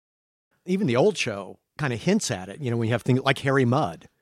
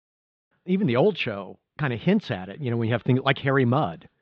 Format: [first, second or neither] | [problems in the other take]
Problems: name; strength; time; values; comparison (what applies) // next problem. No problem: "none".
first | muffled; very; fading above 3.5 kHz